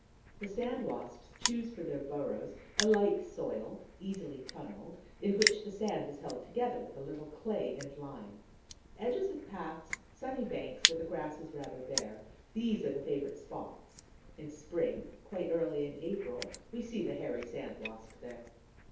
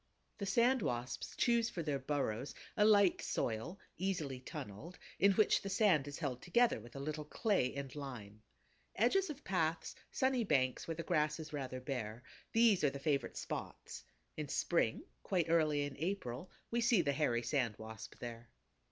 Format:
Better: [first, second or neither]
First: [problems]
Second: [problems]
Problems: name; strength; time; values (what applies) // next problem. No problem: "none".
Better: second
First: background sound (Crushing); 5 dB below the speech // room echo; dies away in 0.7 s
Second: none